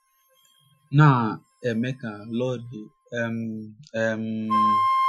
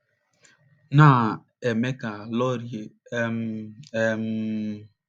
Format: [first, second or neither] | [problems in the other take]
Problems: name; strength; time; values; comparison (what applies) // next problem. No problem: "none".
second | noise reduction (classical method Wiener filter)